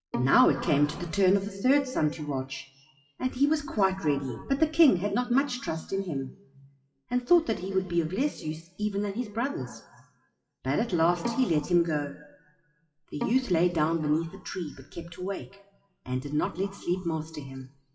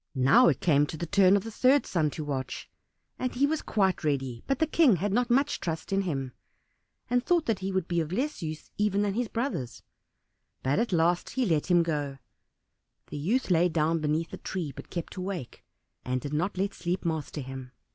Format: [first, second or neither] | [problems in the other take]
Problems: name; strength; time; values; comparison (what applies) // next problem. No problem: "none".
second | noise reduction (classical method WPE with log-MMSE)